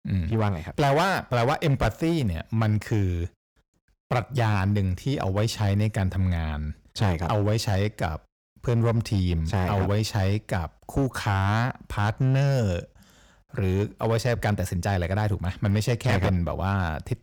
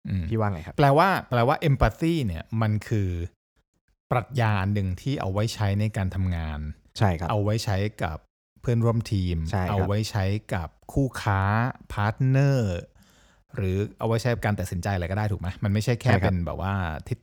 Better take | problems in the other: second | distortion; slight; 14% of the sound clipped

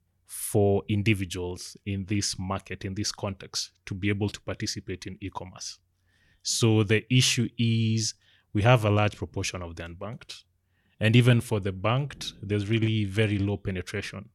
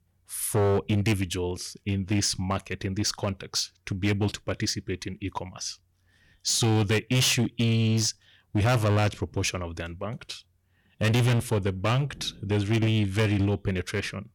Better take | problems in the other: first | distortion; heavy; 10% of the sound clipped

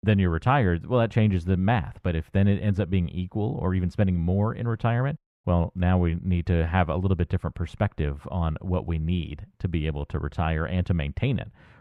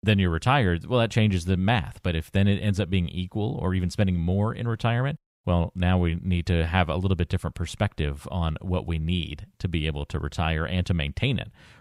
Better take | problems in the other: second | muffled; slightly; fading above 3 kHz

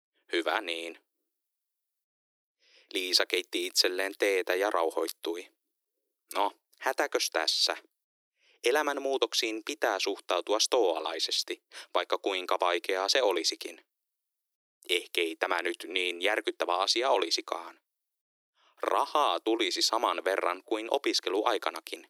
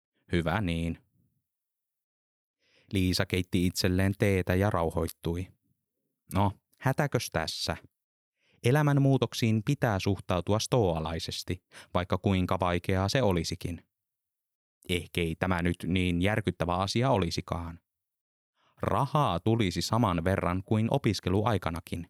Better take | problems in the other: second | thin; very; fading below 300 Hz

